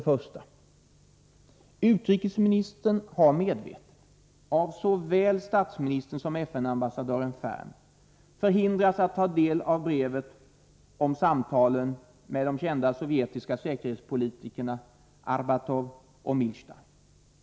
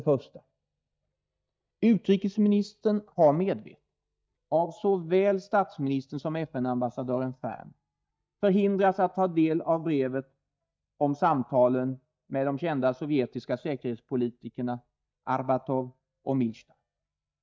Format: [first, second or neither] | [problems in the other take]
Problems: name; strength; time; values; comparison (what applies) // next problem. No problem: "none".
first | noise reduction (neural mask model DeepFilterNet 3)